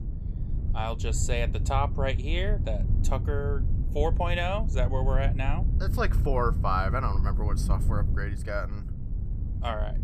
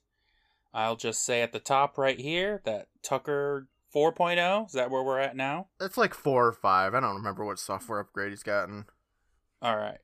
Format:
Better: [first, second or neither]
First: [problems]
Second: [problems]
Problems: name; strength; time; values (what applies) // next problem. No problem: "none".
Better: second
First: low rumble; noticeable; throughout; 15 dB below the speech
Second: none